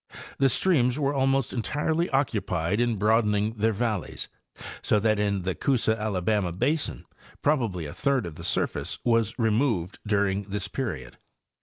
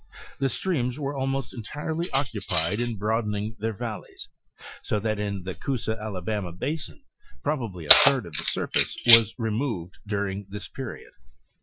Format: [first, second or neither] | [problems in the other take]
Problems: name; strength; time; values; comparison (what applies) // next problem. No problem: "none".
first | noise reduction (classical method Wiener filter)